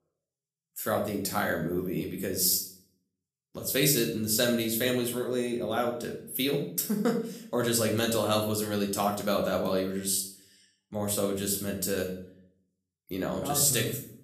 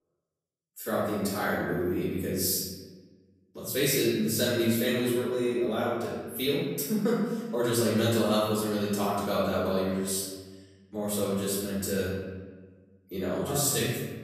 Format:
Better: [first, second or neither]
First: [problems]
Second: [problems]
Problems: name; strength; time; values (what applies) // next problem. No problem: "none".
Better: first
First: room echo; slight; dies away in 0.5 s // off-mic speech; somewhat distant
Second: room echo; strong; dies away in 1.3 s // off-mic speech; far